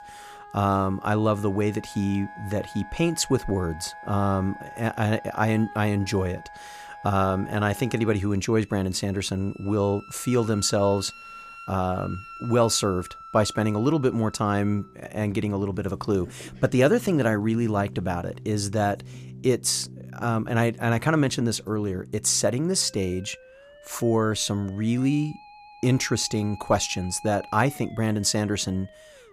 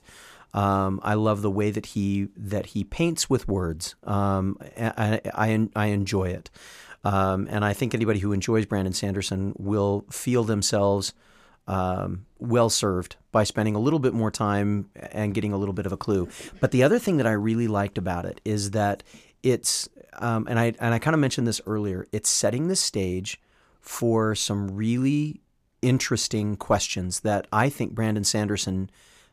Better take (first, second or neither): second